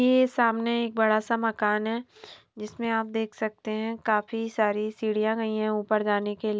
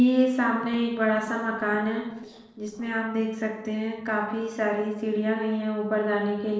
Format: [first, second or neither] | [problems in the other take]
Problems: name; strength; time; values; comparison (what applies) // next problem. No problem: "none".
first | noise reduction (neural separator model SepFormer DNS4)